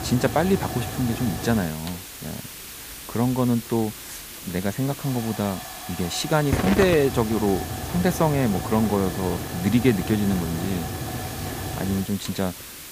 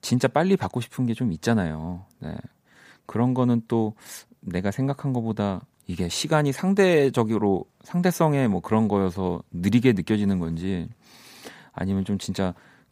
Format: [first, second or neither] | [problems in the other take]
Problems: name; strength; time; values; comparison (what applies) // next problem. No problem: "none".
second | hiss; loud; throughout; 7 dB below the speech